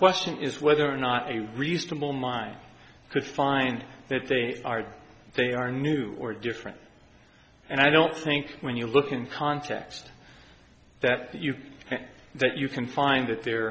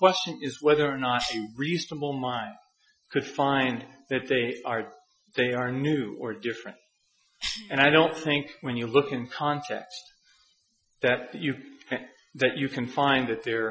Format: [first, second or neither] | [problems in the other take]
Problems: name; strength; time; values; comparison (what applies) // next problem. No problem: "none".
first | noise reduction (classical method Wiener filter)